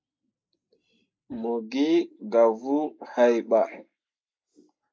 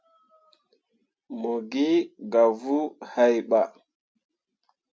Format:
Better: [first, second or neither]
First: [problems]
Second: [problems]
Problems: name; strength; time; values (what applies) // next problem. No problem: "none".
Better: second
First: noise reduction (neural mask model Resemble Enhance denoiser)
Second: none